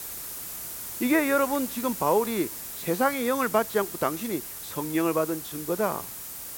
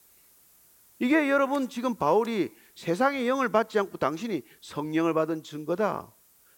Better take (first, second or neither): second